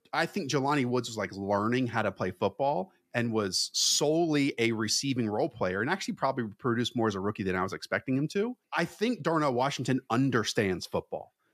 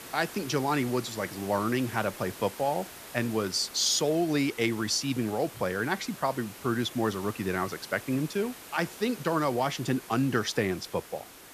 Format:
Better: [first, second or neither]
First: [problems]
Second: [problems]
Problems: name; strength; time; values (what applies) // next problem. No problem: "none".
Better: first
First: none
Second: hiss; noticeable; throughout; 15 dB below the speech